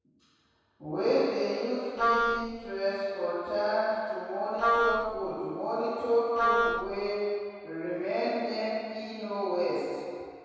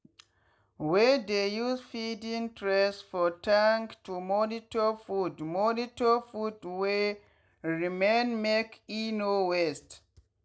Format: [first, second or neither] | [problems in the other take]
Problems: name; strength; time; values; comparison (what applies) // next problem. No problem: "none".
second | background sound (Wind instrument, woodwind instrument); 2 dB above the speech // room echo; dies away in 2.2 s